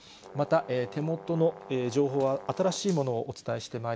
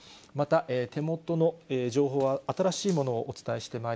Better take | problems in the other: second | background sound (Brass instrument); 17 dB below the speech

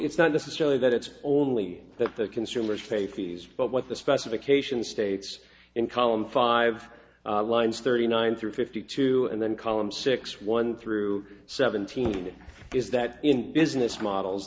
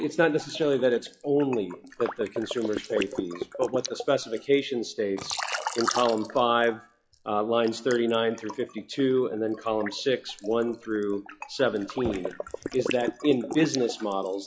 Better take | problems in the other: first | noise reduction (classical method log-MMSE)

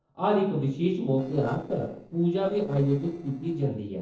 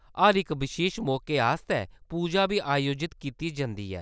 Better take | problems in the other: second | noise reduction (neural separator model SepFormer DNS4)

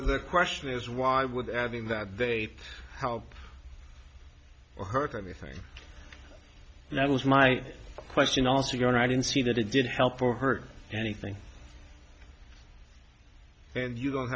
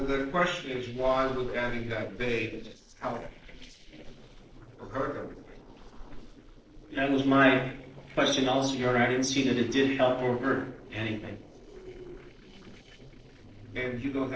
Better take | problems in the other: first | noise reduction (neural separator model SepFormer DNS4)

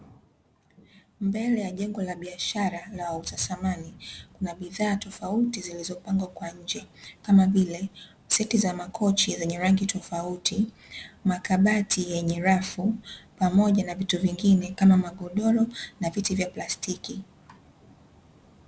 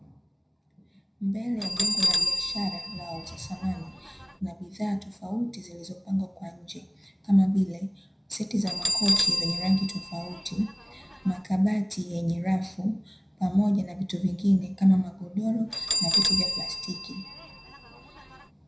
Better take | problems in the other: first | background sound (Bell); 4 dB below the speech // room echo; dies away in 0.4 s

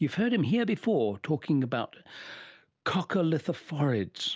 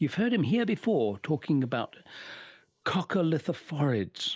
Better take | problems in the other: first | noise reduction (neural mask model Resemble Enhance denoiser)

